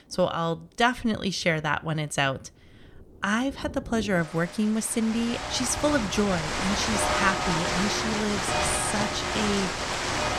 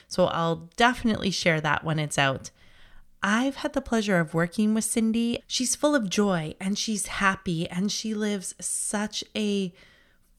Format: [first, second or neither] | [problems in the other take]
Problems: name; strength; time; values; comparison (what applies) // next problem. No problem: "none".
second | rain or running water; loud; throughout; 1 dB below the speech